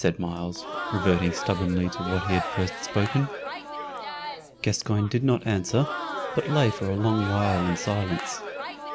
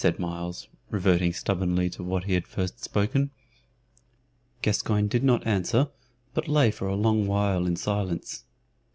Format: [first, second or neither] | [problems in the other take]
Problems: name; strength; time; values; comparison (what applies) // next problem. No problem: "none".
second | background sound (Crowd); 7 dB below the speech